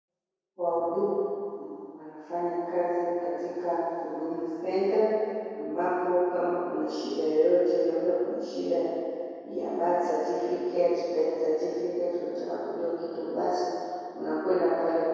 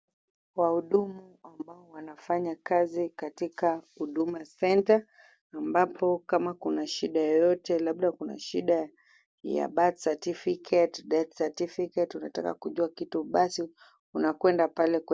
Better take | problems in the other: second | room echo; dies away in 2.2 s

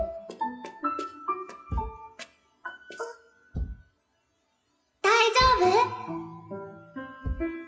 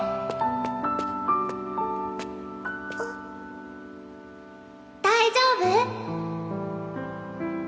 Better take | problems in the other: second | noise reduction (classical method WPE with log-MMSE)

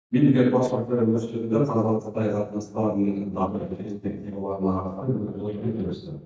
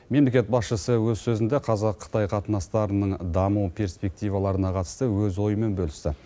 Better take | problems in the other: second | noise reduction (neural mask model DeepFilterNet 3)

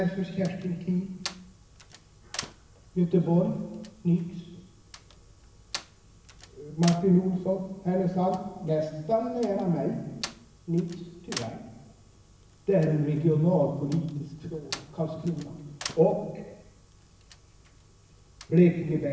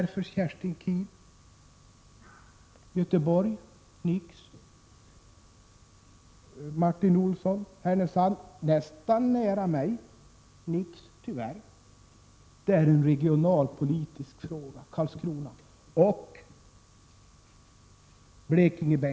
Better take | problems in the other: second | background sound (Slam); 18 dB below the speech // room echo; dies away in 1.1 s

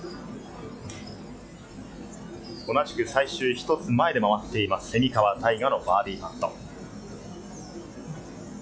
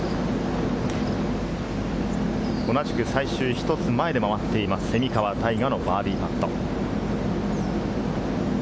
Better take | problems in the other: second | noise reduction (classical method log-MMSE)

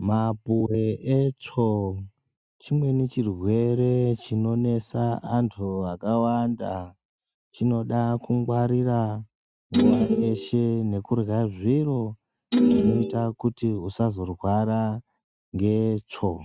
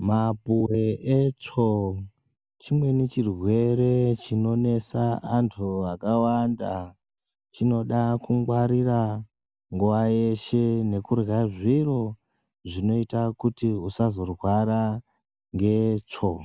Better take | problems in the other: second | noise reduction (neural mask model RNNoise)

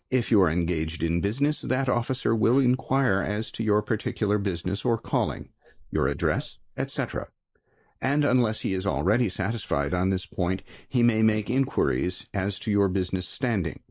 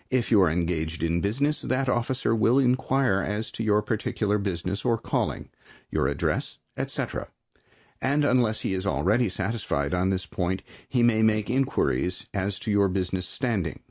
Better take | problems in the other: second | noise reduction (neural mask model Resemble Enhance denoiser)

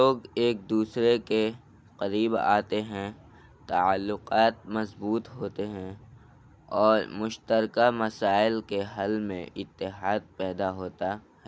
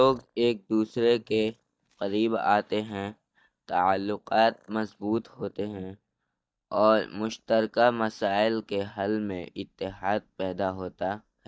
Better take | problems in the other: first | noise reduction (neural mask model DeepFilterNet 3)

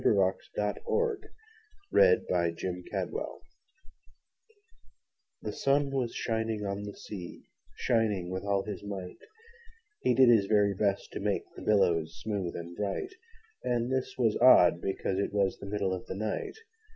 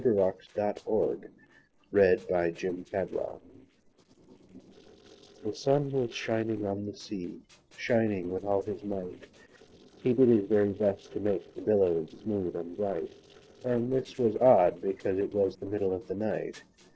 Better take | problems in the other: first | noise reduction (neural separator model SepFormer DNS4)

